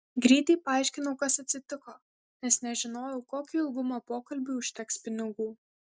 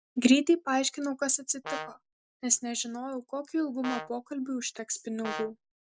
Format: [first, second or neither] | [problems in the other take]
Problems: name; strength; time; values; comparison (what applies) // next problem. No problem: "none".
first | background sound (Brass instrument); 9 dB below the speech